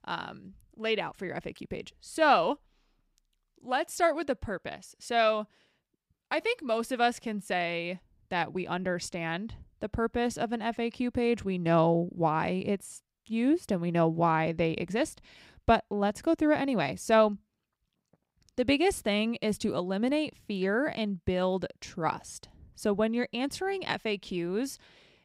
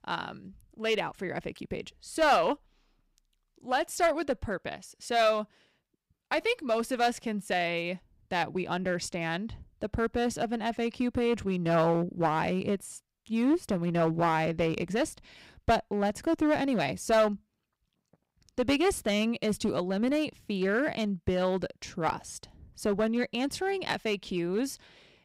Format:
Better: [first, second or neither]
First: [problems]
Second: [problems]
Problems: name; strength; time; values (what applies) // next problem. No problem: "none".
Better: first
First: none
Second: distortion; slight; 4% of the sound clipped